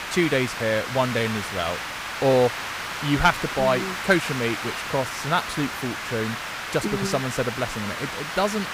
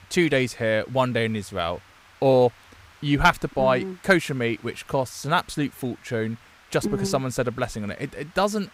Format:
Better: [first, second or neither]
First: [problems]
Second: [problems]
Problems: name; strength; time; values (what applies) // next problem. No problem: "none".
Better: second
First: hiss; loud; throughout; 5 dB below the speech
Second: hiss; faint; throughout; 25 dB below the speech